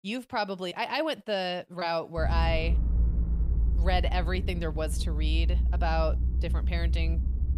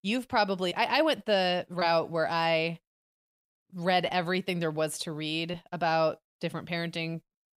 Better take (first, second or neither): second